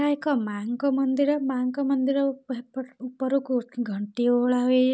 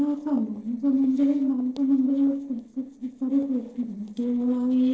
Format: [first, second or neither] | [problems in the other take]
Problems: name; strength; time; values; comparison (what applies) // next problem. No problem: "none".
first | noise reduction (neural separator model SepFormer DNS4)